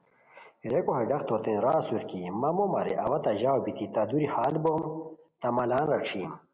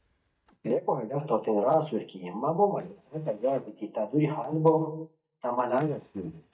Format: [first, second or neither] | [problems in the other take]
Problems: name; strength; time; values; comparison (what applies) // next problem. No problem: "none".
first | noise reduction (neural mask model DeepFilterNet 3)